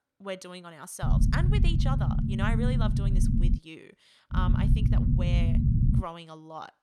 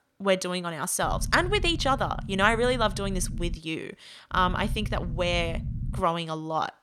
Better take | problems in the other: second | low rumble; loud; from 1 to 3.5 s and from 4.5 to 6 s; as loud as the speech; faint in the second

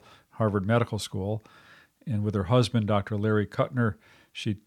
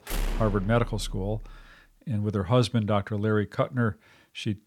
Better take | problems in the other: first | door banging; noticeable; until 1.5 s; peak 5 dB below the speech

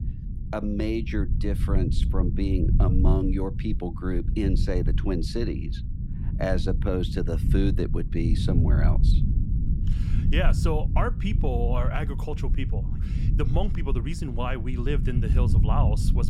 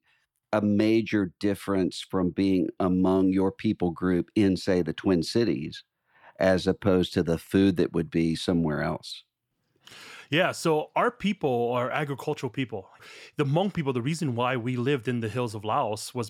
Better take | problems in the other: second | low rumble; loud; throughout; 8 dB below the speech

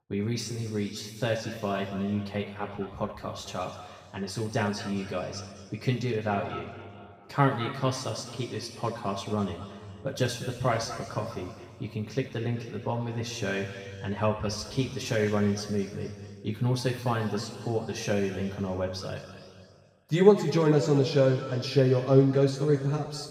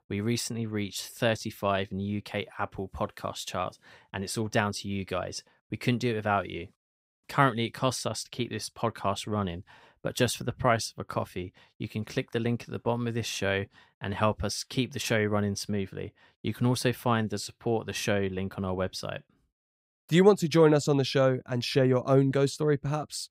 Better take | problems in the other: second | room echo; noticeable; dies away in 2.2 s // off-mic speech; far

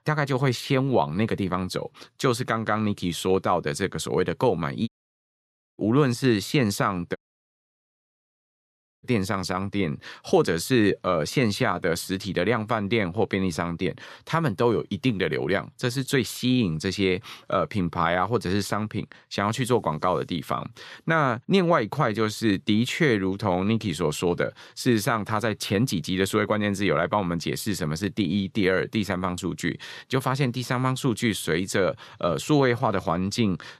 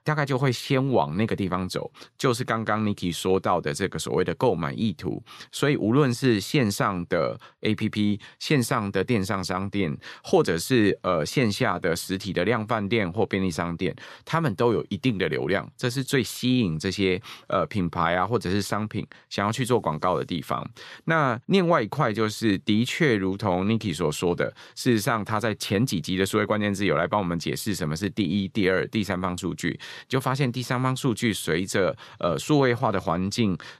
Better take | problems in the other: second | audio cutting out; at 5 s for 1 s and at 7 s for 2 s

